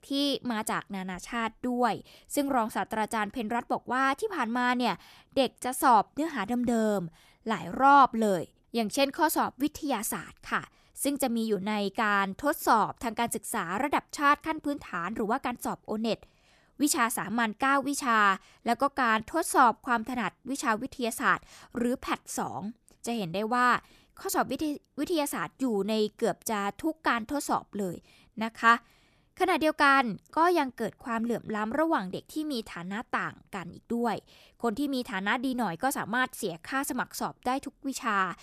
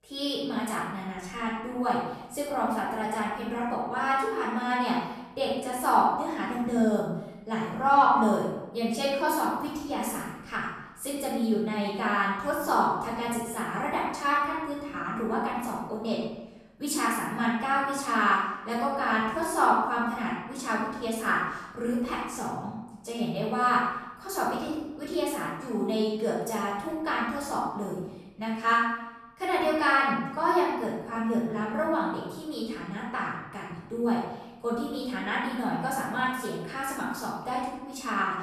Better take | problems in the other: first | off-mic speech; far // room echo; noticeable; dies away in 0.9 s

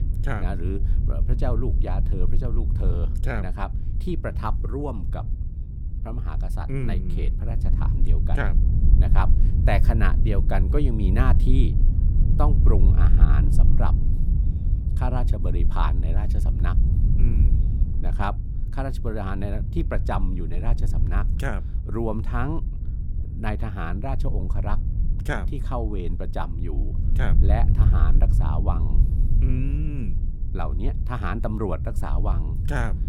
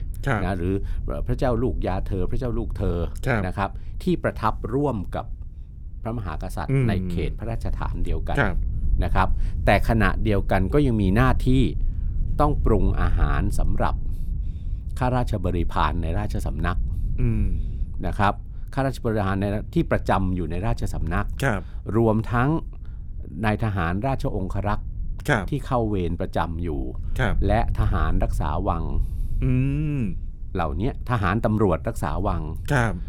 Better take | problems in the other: second | low rumble; loud; throughout; 8 dB below the speech; faint in the second

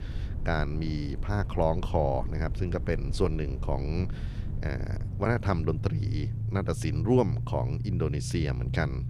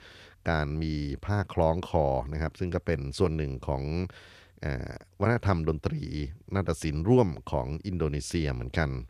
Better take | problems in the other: second | low rumble; noticeable; throughout; 15 dB below the speech

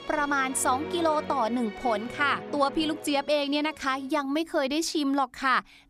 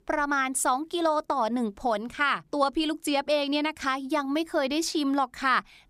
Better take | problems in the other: second | background music; noticeable; throughout; 15 dB below the speech

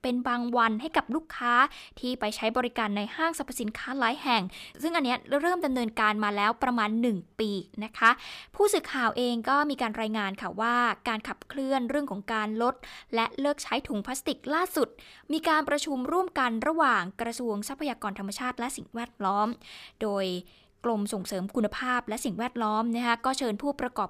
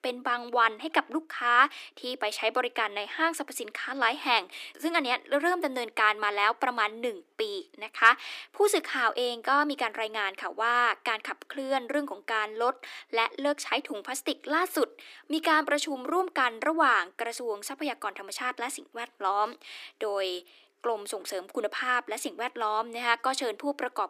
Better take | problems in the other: first | thin; somewhat; fading below 300 Hz

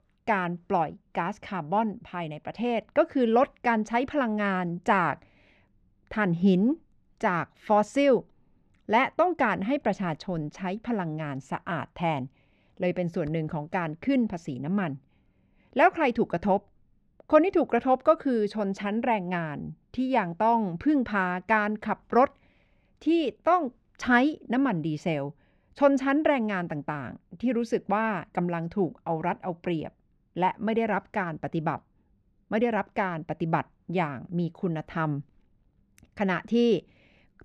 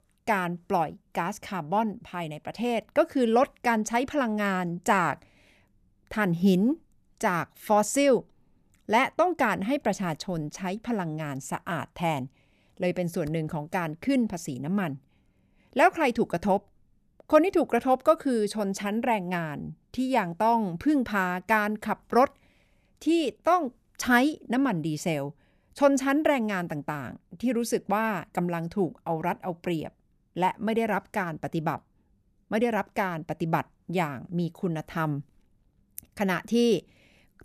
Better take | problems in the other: second | muffled; slightly; fading above 3.5 kHz

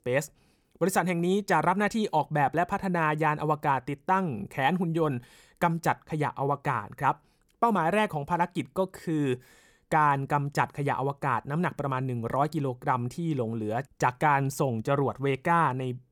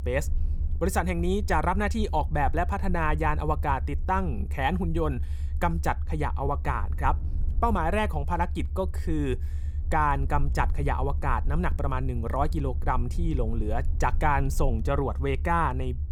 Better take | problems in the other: first | low rumble; faint; throughout; 20 dB below the speech

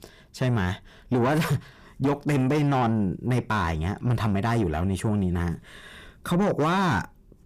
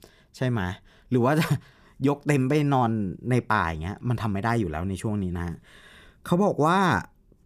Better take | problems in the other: second | distortion; heavy; 8 dB below the speech

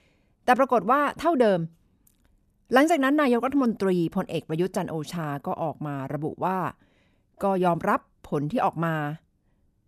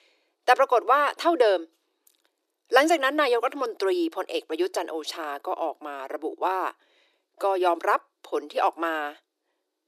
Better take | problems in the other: first | thin; very; fading below 300 Hz

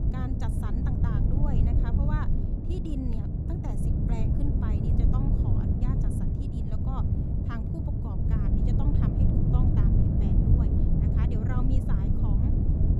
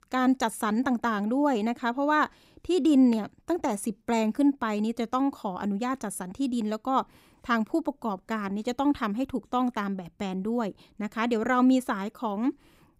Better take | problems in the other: second | wind noise on the microphone; heavy; 5 dB above the speech

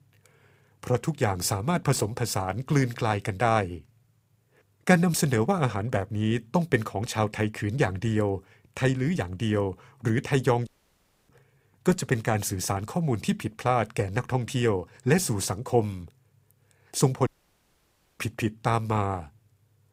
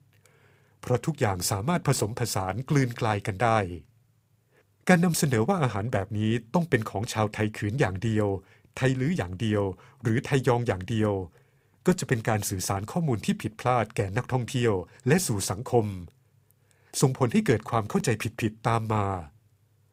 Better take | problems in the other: second | audio cutting out; at 11 s for 0.5 s and at 17 s for 1 s

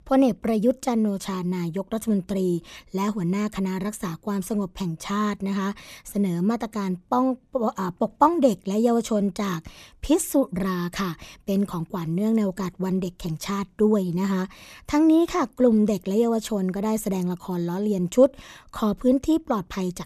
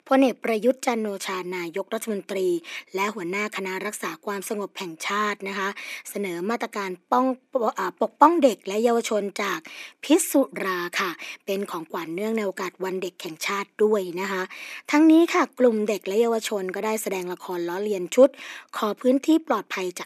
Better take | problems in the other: first | thin; very slightly; fading below 300 Hz

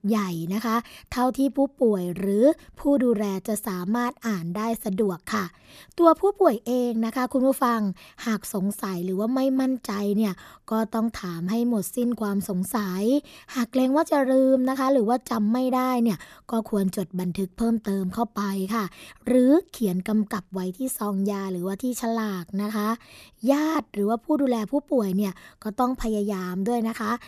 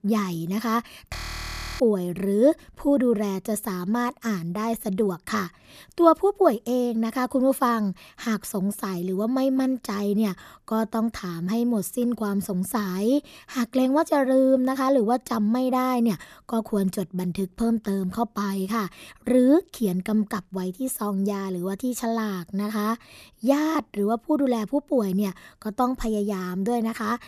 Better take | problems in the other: first | audio freezing; at 1 s for 0.5 s

